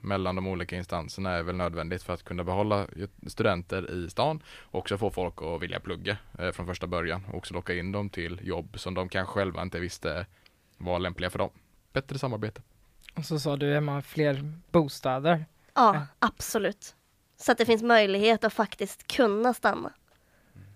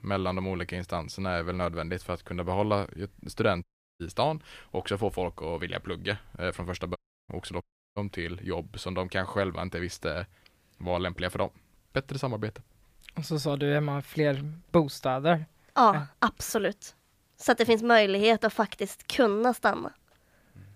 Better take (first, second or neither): first